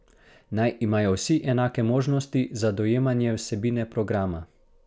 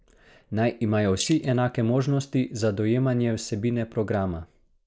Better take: first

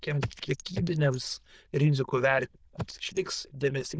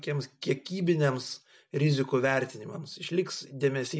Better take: second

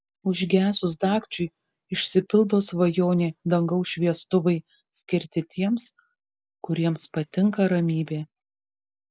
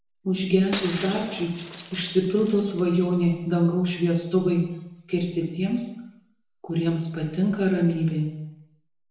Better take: first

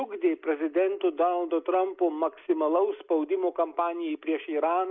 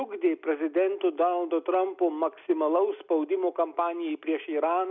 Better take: second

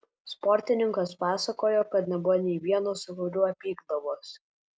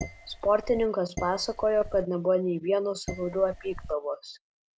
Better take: first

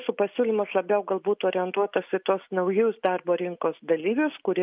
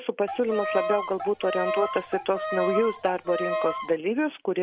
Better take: first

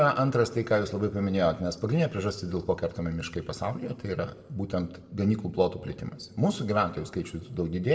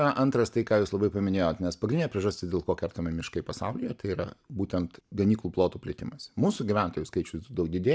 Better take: second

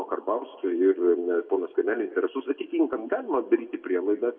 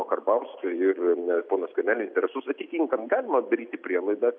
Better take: second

